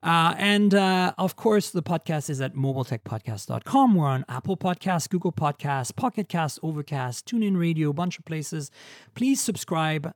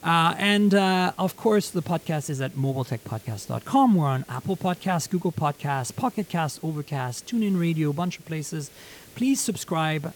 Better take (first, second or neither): first